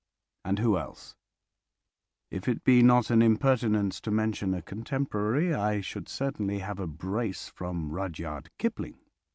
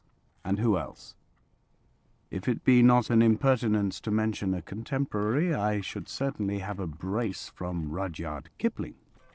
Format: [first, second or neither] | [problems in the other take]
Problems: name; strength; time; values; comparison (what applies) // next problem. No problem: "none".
first | noise reduction (neural separator model SepFormer DNS4)